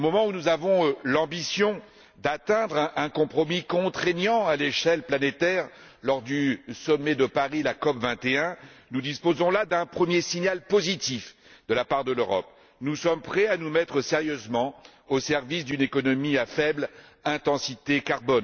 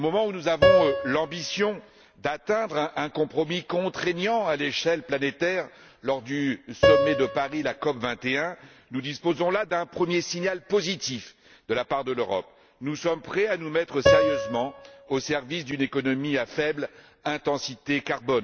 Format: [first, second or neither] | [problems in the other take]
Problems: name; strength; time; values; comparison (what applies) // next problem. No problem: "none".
first | background sound (Piano); 1 dB below the speech